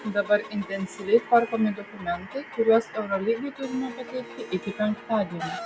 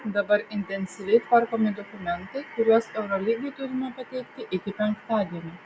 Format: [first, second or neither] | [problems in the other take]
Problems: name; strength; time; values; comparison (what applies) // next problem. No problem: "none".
second | background sound (Chicken, rooster + Harp); 16 dB below the speech